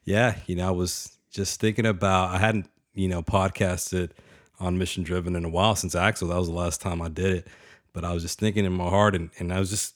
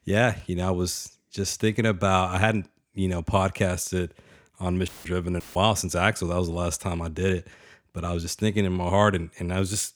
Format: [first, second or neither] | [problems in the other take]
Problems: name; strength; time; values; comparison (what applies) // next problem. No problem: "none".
first | audio cutting out; filled with static; at 5 s and at 5.5 s